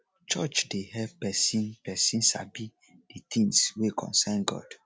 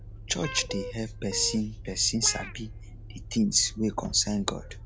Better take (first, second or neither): first